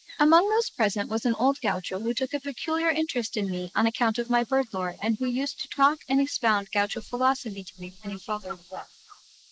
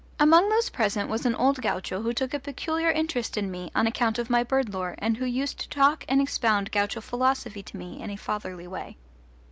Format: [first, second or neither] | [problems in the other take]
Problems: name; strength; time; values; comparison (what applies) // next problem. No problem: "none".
second | noise reduction (neural mask model Resemble Enhance denoiser)